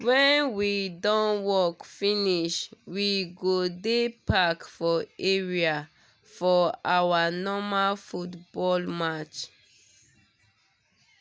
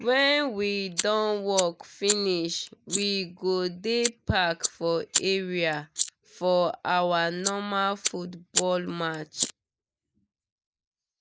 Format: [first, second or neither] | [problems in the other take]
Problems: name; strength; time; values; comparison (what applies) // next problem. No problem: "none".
first | noise reduction (neural mask model Resemble Enhance denoiser)